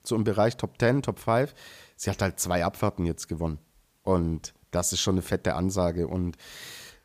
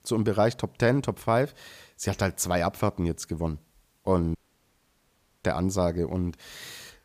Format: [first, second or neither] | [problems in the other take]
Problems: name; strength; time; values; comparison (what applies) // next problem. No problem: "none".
first | audio cutting out; at 4.5 s for 1 s